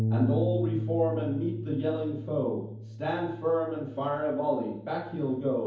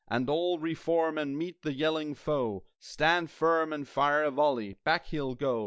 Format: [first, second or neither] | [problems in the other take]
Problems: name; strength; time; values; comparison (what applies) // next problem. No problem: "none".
second | background sound (Bass guitar); 5 dB below the speech // room echo; dies away in 0.7 s